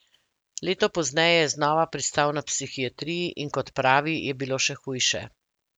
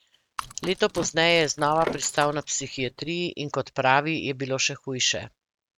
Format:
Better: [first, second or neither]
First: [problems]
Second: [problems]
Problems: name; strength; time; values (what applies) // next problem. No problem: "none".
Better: first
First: none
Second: noise reduction (neural mask model RNNoise)